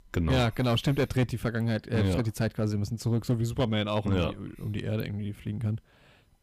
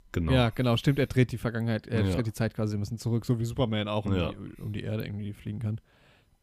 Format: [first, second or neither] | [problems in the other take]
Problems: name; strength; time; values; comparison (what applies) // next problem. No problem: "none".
second | distortion; slight; 5% of the sound clipped